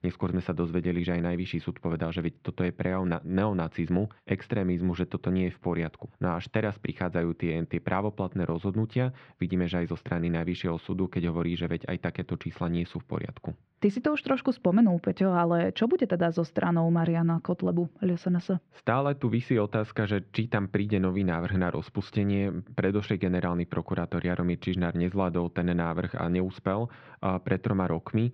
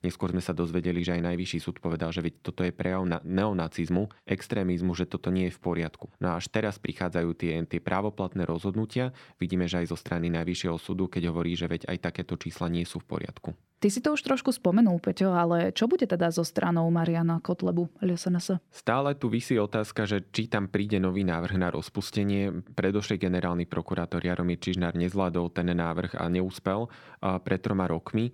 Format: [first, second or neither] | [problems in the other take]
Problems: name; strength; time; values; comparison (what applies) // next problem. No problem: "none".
second | muffled; slightly; fading above 3 kHz